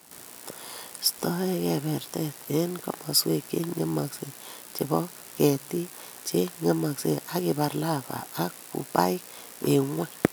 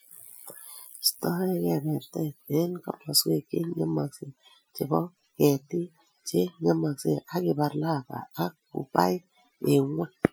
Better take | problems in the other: first | noise reduction (classical method Wiener filter)

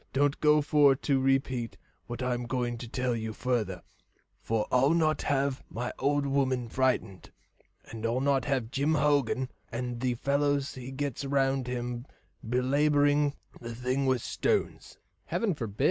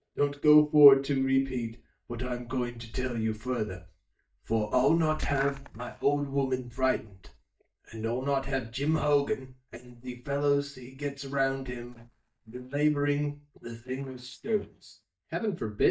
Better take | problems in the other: first | noise reduction (neural mask model DeepFilterNet 3)

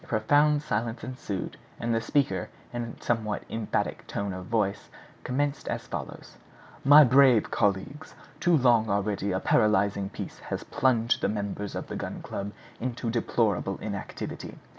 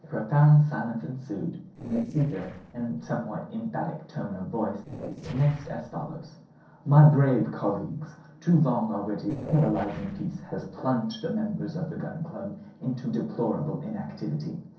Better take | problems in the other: first | noise reduction (neural separator model SepFormer DNS4)

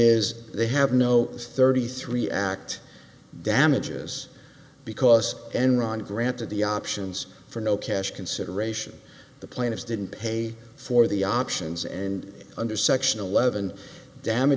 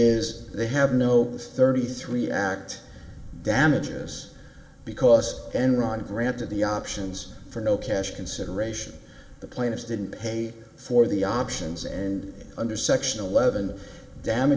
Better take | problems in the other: first | background sound (Wind); 19 dB below the speech // room echo; dies away in 1.6 s

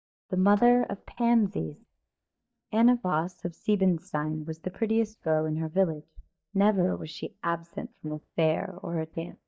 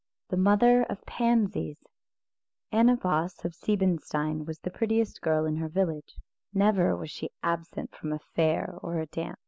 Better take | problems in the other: second | noise reduction (neural mask model DeepFilterNet 3)

